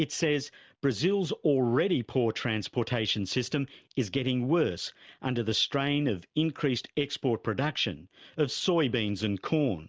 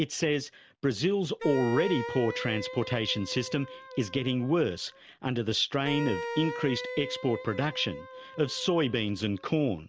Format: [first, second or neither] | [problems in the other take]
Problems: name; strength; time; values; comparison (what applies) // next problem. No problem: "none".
first | background sound (Wind instrument, woodwind instrument); 10 dB below the speech